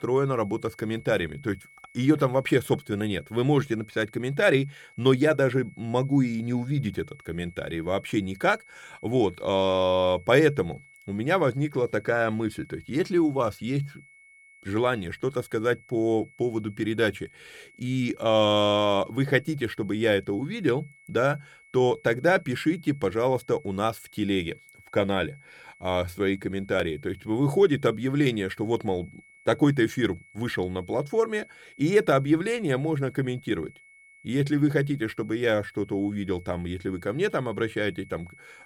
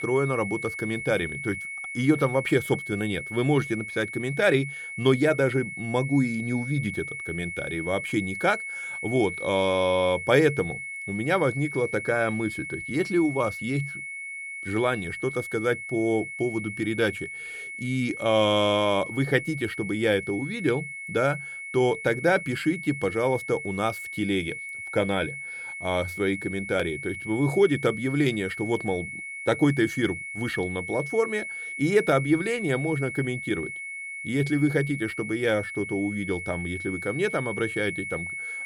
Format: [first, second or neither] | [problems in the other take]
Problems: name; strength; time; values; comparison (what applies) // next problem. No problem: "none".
first | high-pitched whine; loud; throughout; 2 kHz, 7 dB below the speech; faint in the first